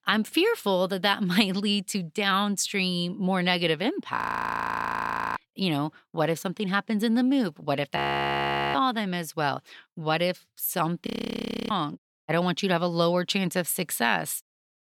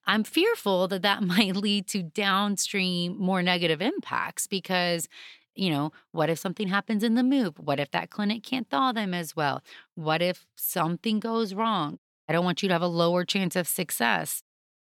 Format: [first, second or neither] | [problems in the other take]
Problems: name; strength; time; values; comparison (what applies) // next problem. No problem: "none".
second | audio freezing; at 4 s for 1 s, at 8 s for 1 s and at 11 s for 0.5 s